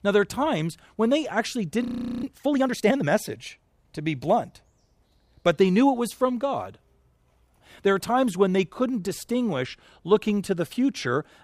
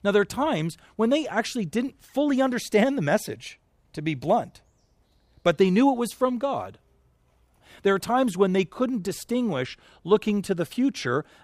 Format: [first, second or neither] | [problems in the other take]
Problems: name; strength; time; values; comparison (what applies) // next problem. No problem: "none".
second | audio freezing; at 2 s